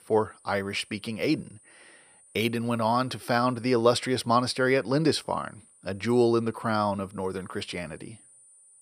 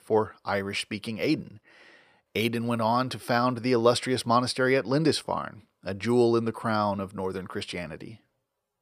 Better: second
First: high-pitched whine; faint; throughout; 9.5 kHz, 30 dB below the speech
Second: none

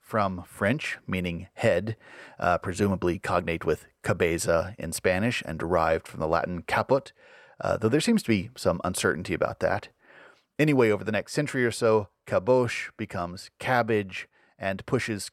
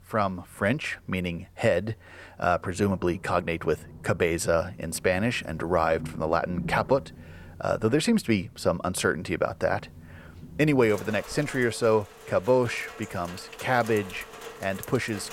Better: first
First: none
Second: rain or running water; noticeable; throughout; 15 dB below the speech

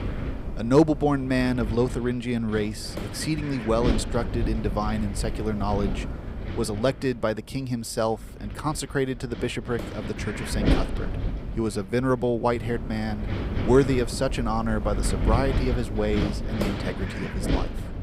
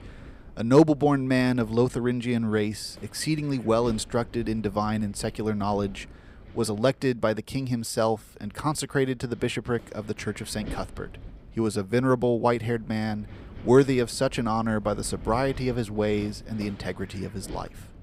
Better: second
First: wind noise on the microphone; heavy; 8 dB below the speech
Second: wind noise on the microphone; occasional gusts; 25 dB below the speech

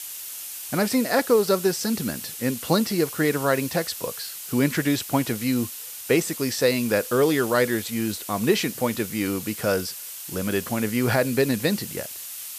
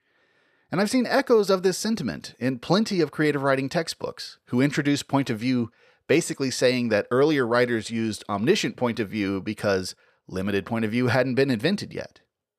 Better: second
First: hiss; loud; throughout; 9 dB below the speech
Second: none

